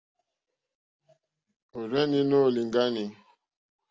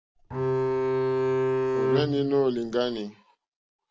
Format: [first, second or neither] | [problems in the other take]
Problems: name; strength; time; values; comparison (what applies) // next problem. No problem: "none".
first | background sound (Bowed string instrument); 4 dB above the speech